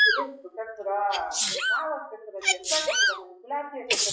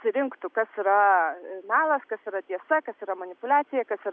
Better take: second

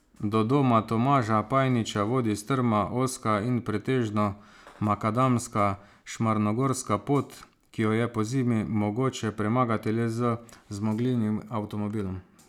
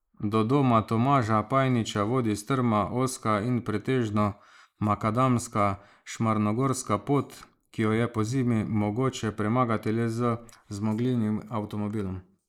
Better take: first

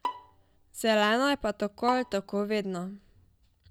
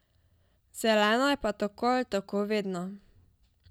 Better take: second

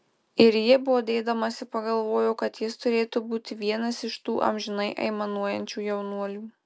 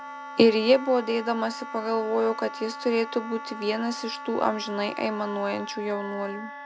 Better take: first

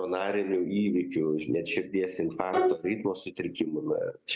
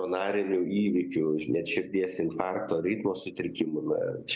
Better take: second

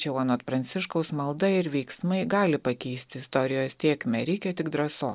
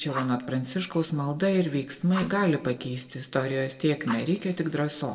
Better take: first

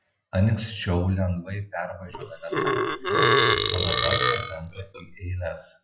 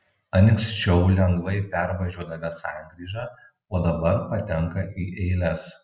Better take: second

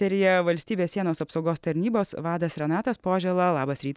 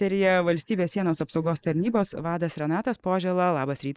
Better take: first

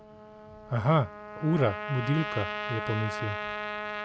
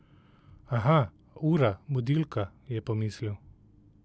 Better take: second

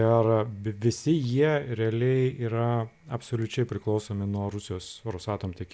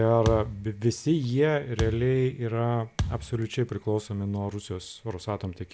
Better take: first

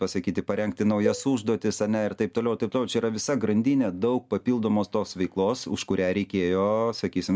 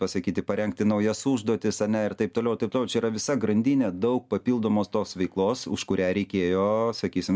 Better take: second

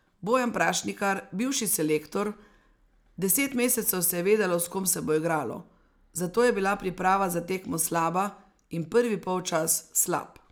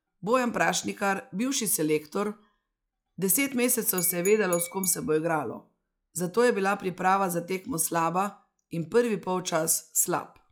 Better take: first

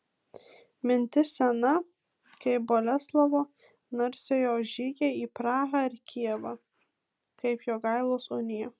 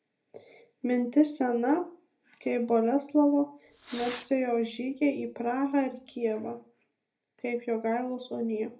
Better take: first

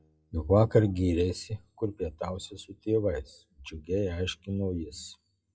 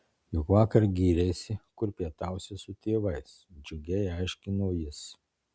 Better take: second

